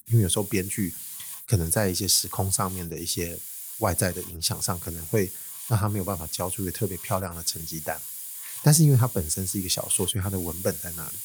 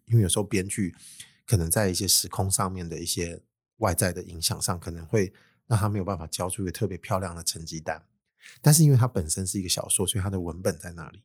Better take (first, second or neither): second